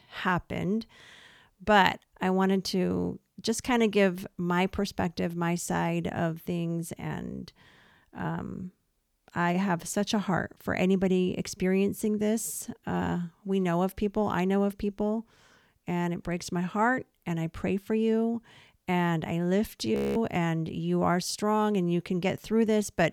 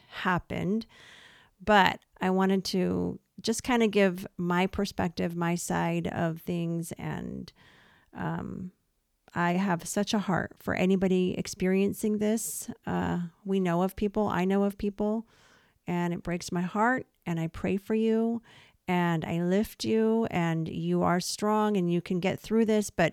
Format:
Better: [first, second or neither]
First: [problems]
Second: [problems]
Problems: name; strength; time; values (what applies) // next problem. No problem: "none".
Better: second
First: audio freezing; at 20 s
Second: none